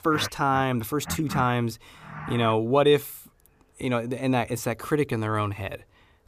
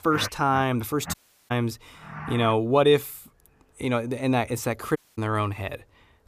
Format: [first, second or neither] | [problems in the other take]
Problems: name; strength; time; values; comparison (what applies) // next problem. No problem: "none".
first | audio cutting out; at 1 s and at 5 s